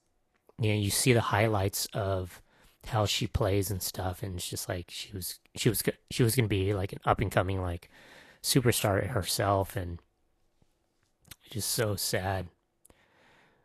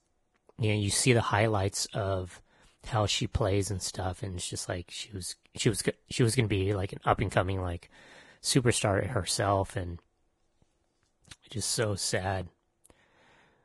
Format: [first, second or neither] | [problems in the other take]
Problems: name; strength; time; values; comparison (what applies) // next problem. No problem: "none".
first | garbled, watery; badly; nothing above 10.5 kHz; slightly in the first